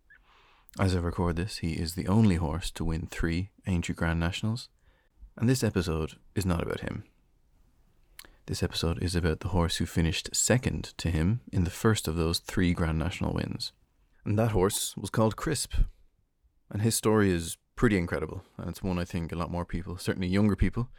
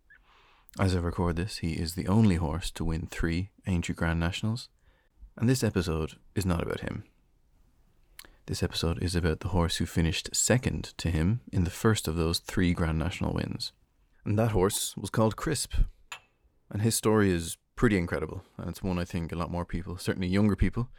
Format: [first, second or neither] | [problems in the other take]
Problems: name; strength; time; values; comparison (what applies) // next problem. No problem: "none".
first | clattering dishes; faint; at 16 s; peak 15 dB below the speech